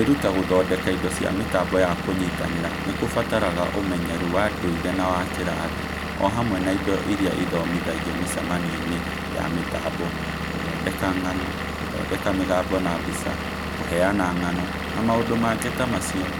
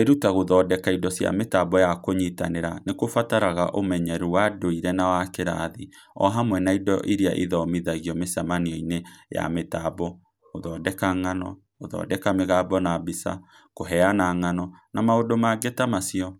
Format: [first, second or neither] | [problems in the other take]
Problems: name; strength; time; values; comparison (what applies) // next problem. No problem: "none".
second | background sound (Engine / Vehicle); 3 dB below the speech